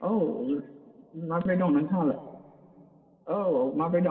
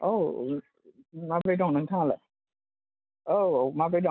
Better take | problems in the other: second | room echo; dies away in 3 s

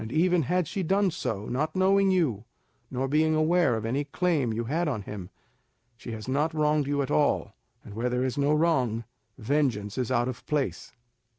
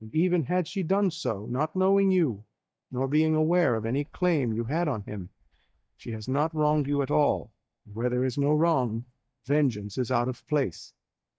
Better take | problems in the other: first | noise reduction (neural mask model DeepFilterNet 3)

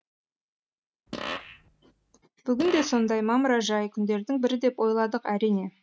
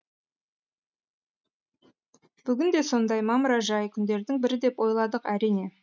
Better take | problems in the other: second | background sound (Fart); 12 dB below the speech

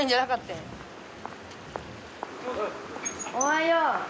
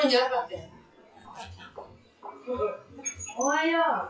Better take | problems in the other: first | noise reduction (classical method WPE with log-MMSE)

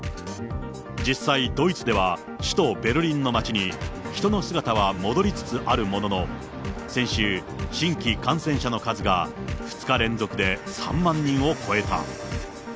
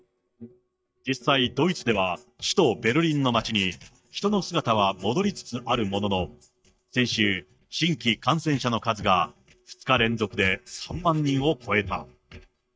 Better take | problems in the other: first | noise reduction (neural mask model DeepFilterNet 3)

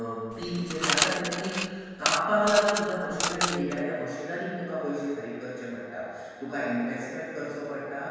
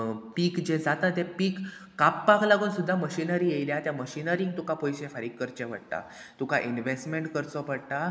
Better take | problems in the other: second | background sound (Coin (dropping) / Mechanisms); 1 dB below the speech // room echo; dies away in 1.9 s

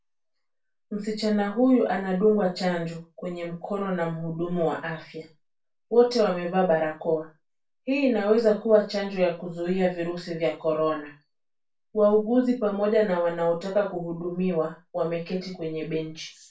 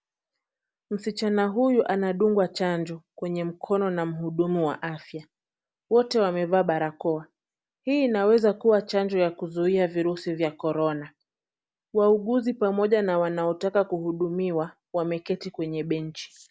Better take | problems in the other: second | room echo; dies away in 0.2 s

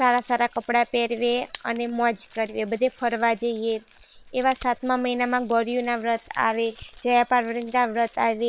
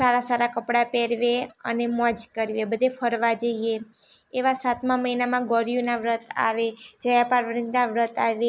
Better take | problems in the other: second | noise reduction (neural separator model SepFormer WHAM!)

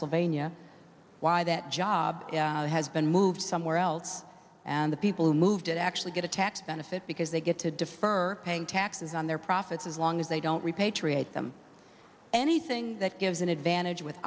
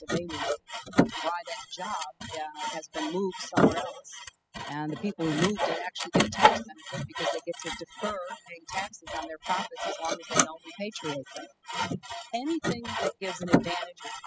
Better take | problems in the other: first | noise reduction (classical method spectral subtraction)

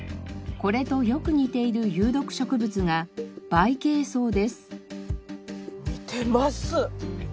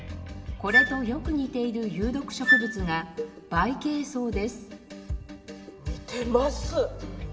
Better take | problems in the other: first | background sound (Wind instrument, woodwind instrument); 2 dB above the speech // room echo; dies away in 2.1 s

